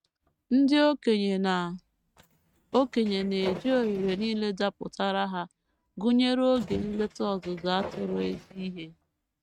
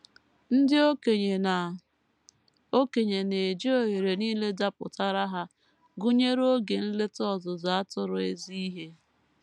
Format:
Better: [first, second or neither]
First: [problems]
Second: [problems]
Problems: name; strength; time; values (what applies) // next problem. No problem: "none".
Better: second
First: noise reduction (neural mask model RNNoise)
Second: none